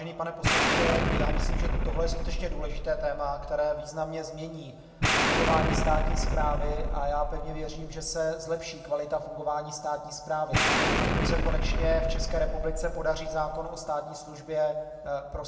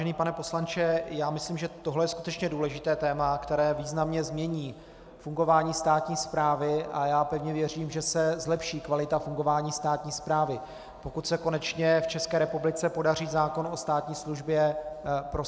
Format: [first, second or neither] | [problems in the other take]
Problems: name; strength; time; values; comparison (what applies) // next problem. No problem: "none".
second | background sound (Explosion); 4 dB above the speech // room echo; dies away in 1.1 s